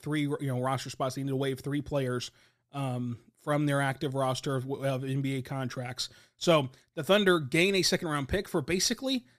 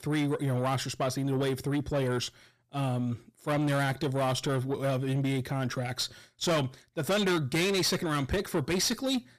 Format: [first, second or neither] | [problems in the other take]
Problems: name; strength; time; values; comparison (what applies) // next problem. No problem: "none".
first | distortion; heavy; 8 dB below the speech